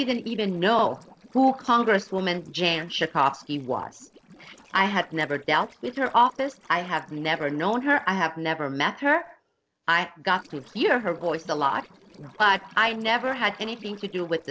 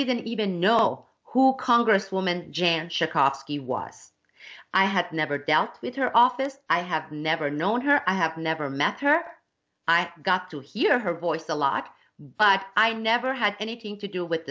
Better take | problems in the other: second | noise reduction (neural separator model SepFormer DNS4)

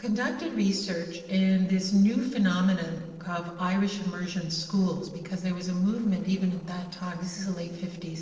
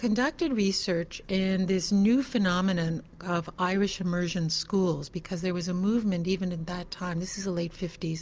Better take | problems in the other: second | noise reduction (neural separator model SepFormer DNS4)

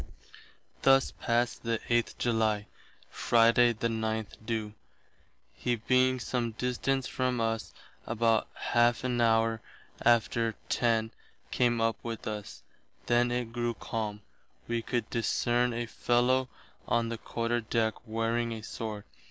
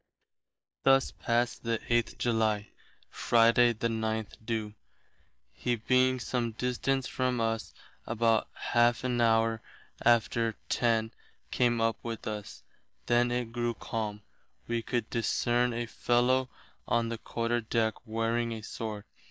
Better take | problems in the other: first | noise reduction (neural mask model DeepFilterNet 3)

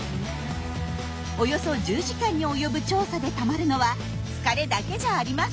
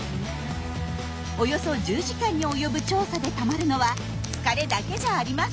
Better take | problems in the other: first | background sound (Tools); 14 dB below the speech

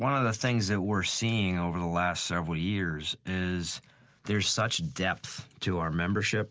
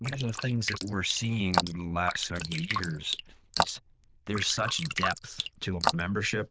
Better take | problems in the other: first | noise reduction (neural diffusion model UNIVERSE++)

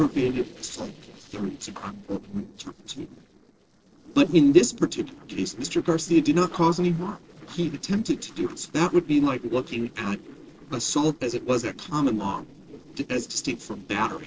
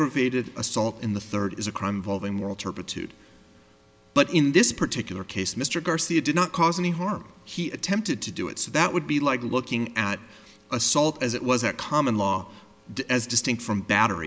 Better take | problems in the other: second | noise reduction (neural separator model SepFormer DNS4)

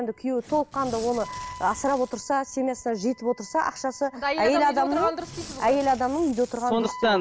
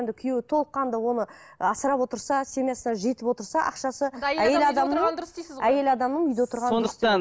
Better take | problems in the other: second | background sound (Wind instrument, woodwind instrument + Tearing); 18 dB below the speech

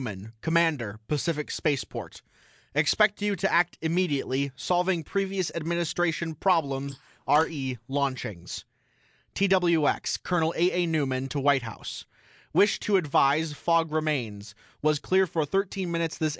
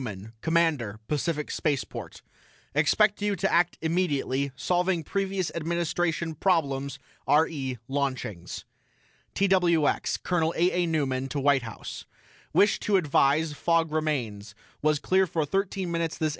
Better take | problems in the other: second | noise reduction (neural mask model Resemble Enhance denoiser)

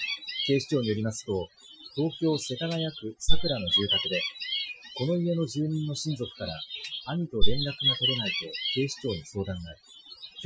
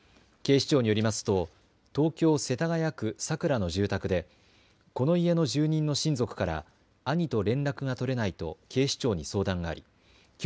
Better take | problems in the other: second | noise reduction (classical method Wiener filter)

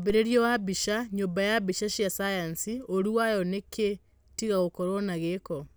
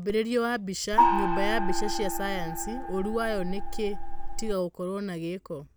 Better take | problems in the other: first | background sound (Gong); 4 dB above the speech

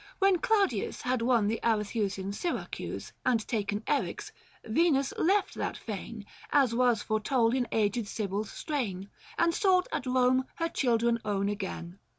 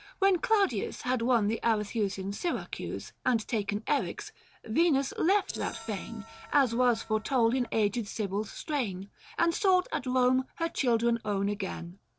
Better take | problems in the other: first | noise reduction (neural separator model SepFormer DNS4)

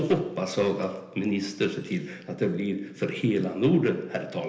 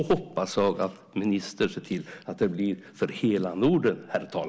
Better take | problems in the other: second | room echo; dies away in 1.4 s

